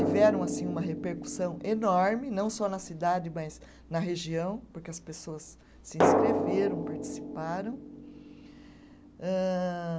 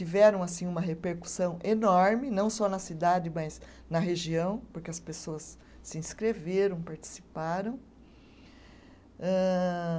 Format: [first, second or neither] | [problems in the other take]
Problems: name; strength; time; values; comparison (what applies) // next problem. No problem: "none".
second | background sound (Drum); 2 dB below the speech